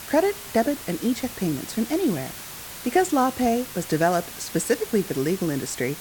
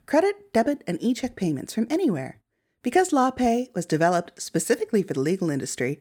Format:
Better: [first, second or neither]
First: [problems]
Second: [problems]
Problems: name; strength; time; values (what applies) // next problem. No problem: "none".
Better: second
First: hiss; noticeable; throughout; 10 dB below the speech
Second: none